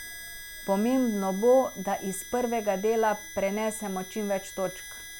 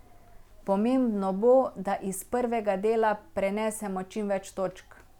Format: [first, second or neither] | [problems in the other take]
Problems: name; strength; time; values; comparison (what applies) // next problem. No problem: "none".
second | background sound (Harmonica); 15 dB below the speech